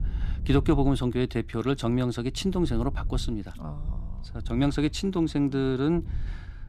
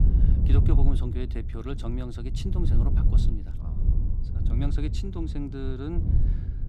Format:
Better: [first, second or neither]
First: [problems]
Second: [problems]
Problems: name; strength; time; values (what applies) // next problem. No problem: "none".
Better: first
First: wind noise on the microphone; occasional gusts; 25 dB below the speech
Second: wind noise on the microphone; heavy; 3 dB below the speech